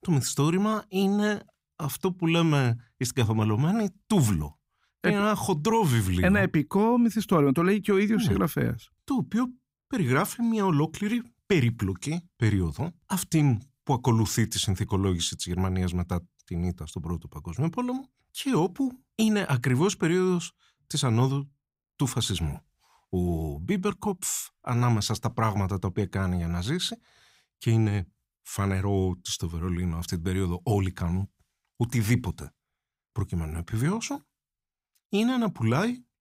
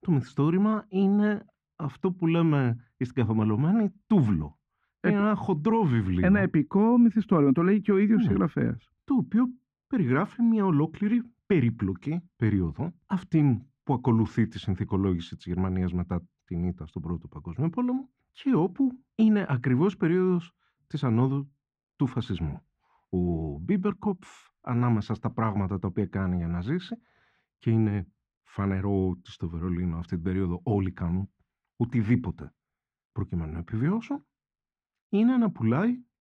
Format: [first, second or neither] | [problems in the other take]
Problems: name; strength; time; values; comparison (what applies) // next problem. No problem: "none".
first | muffled; very; fading above 2 kHz